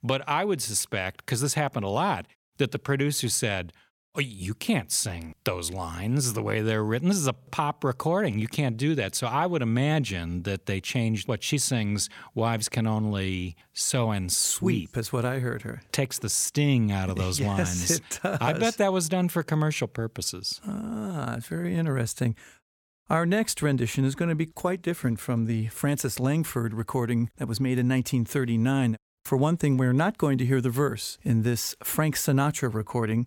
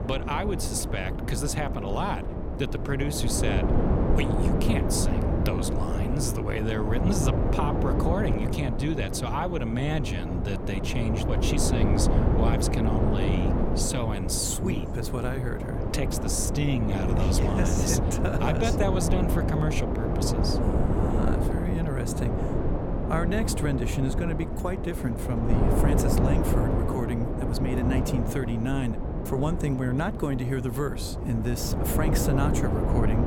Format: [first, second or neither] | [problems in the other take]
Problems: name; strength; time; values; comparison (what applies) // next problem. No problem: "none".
first | wind noise on the microphone; heavy; as loud as the speech